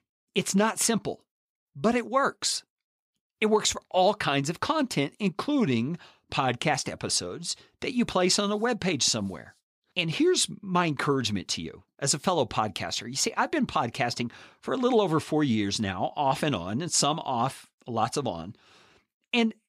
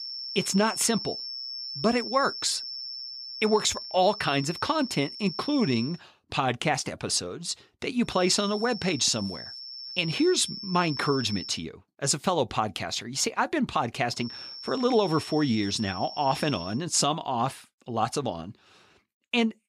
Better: first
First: none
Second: high-pitched whine; loud; until 6 s, from 8 to 12 s and from 14 to 17 s; 5.5 kHz, 9 dB below the speech

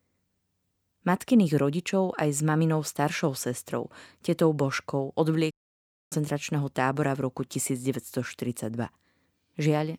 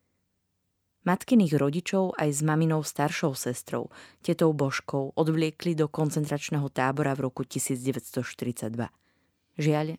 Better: second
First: audio cutting out; at 5.5 s for 0.5 s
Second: none

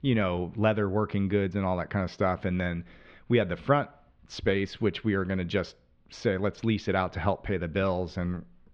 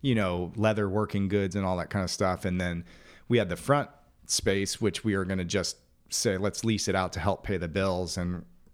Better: second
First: muffled; very; fading above 3.5 kHz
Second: none

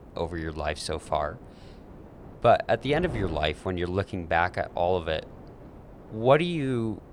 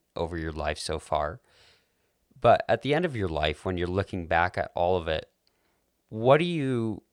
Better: second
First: wind noise on the microphone; occasional gusts; 20 dB below the speech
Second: none

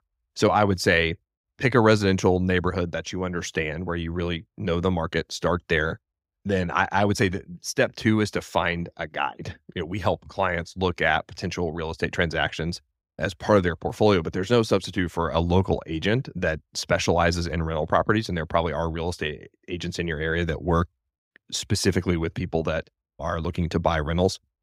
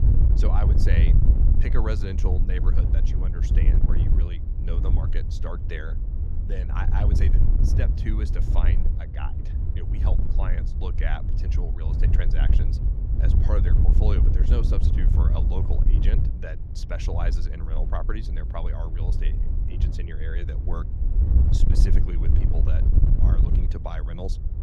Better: first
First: none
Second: wind noise on the microphone; heavy; 2 dB below the speech

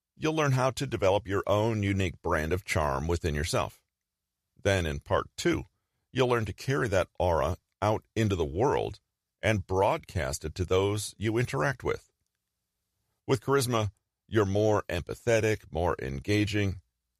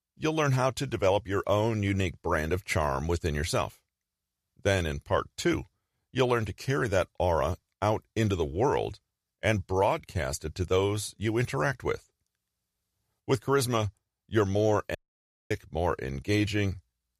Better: first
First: none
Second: audio cutting out; at 15 s for 0.5 s

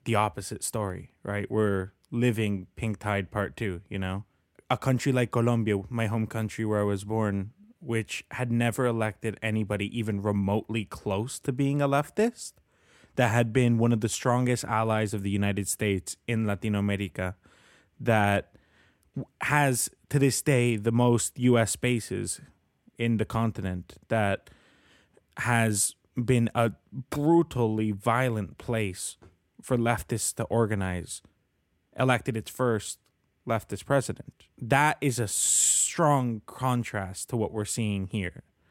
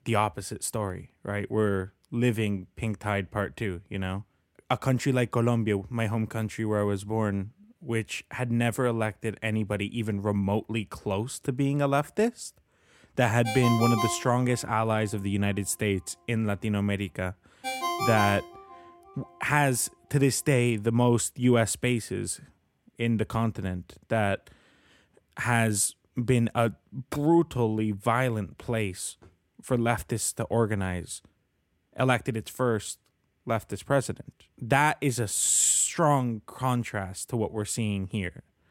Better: first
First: none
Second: phone ringing; noticeable; from 13 to 19 s; peak 1 dB below the speech

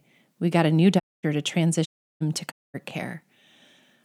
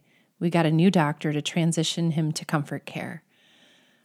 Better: second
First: audio cutting out; at 1 s, at 2 s and at 2.5 s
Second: none

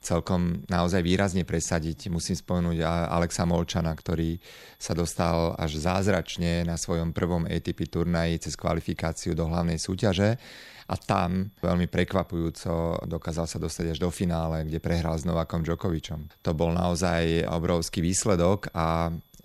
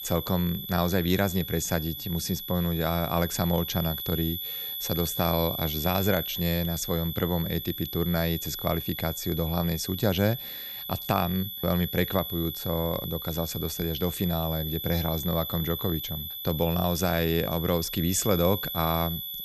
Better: first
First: high-pitched whine; faint; throughout; 12 kHz, 35 dB below the speech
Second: high-pitched whine; loud; throughout; 12 kHz, 5 dB below the speech

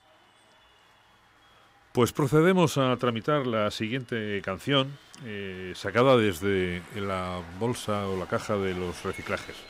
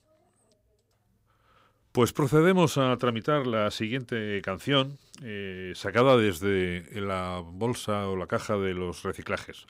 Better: second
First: crowd noise; faint; throughout; 20 dB below the speech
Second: none

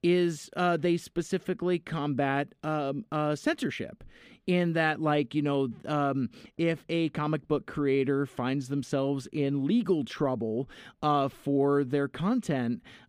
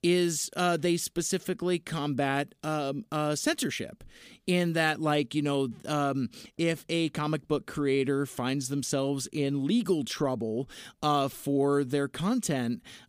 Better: second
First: muffled; slightly; fading above 4 kHz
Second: none

